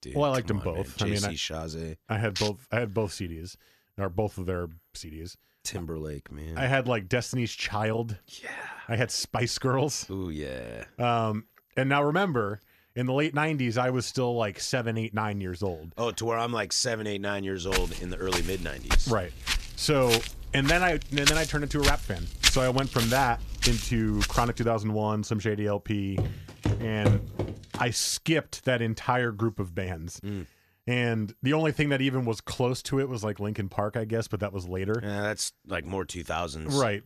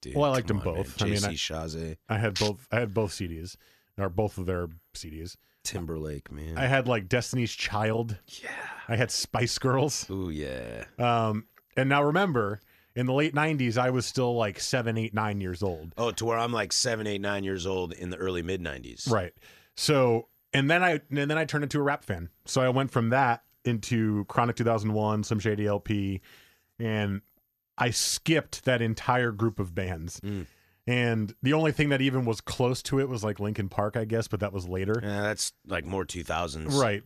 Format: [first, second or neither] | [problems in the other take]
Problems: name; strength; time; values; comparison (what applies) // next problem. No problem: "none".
second | footsteps; loud; from 18 to 25 s and from 26 to 28 s; peak 6 dB above the speech